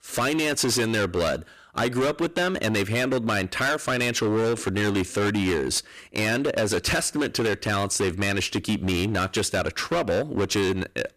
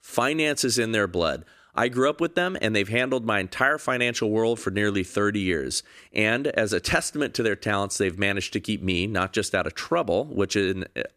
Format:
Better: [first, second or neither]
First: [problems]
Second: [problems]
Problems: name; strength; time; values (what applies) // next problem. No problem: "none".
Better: second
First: distortion; heavy; 21% of the sound clipped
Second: none